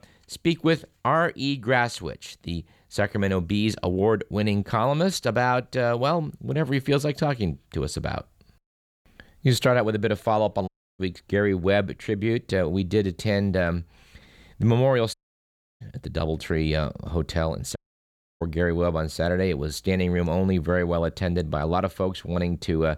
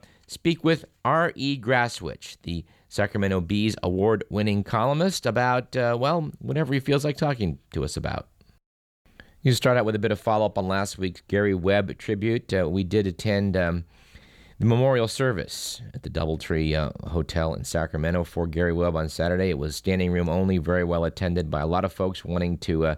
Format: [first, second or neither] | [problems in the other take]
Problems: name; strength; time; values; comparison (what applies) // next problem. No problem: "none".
second | audio cutting out; at 11 s, at 15 s for 0.5 s and at 18 s for 0.5 s